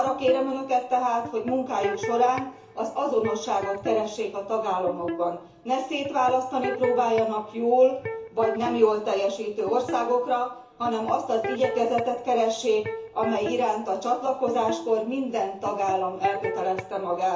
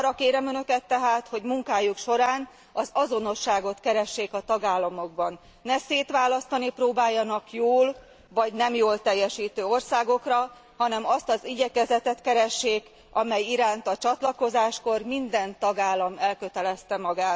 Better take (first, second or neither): second